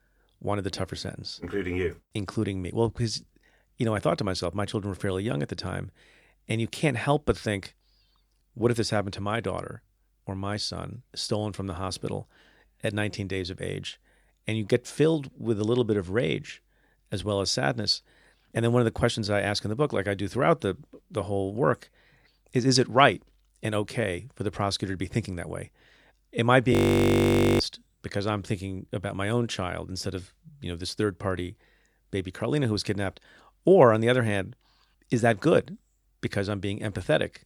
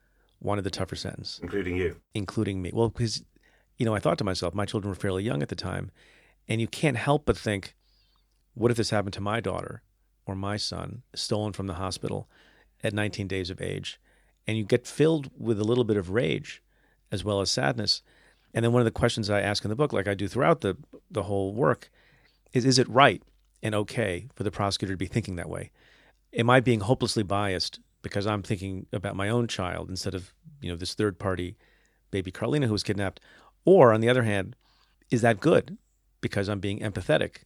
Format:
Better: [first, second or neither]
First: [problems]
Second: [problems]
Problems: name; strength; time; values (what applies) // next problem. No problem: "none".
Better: second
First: audio freezing; at 27 s for 1 s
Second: none